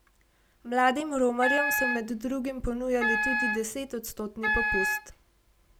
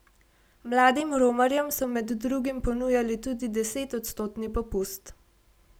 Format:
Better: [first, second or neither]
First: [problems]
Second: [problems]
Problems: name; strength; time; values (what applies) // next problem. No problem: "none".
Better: second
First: background sound (Wind instrument, woodwind instrument); as loud as the speech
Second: none